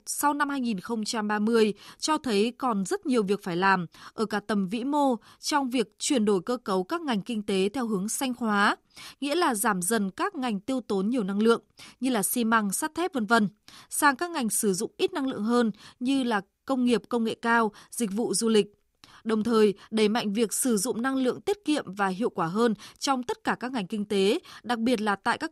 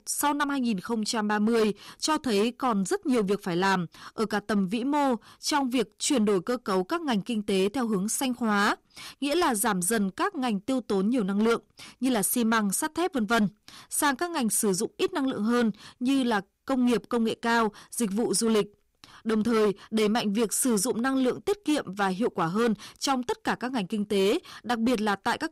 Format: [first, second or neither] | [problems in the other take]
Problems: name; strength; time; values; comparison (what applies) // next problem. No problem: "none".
first | distortion; slight; 7% of the sound clipped